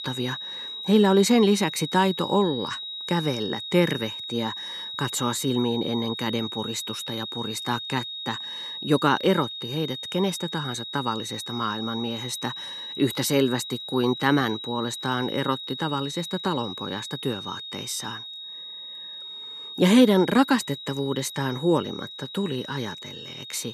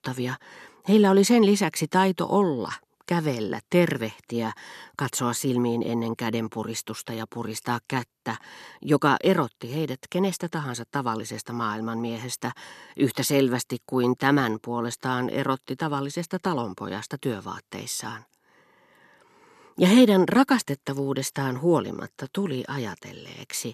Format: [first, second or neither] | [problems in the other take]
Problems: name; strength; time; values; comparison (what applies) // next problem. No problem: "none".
second | high-pitched whine; loud; throughout; 4 kHz, 8 dB below the speech